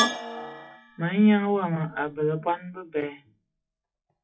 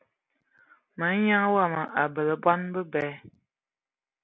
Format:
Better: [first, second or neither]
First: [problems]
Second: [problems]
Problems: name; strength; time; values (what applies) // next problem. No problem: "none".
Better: second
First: noise reduction (classical method WPE with log-MMSE)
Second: none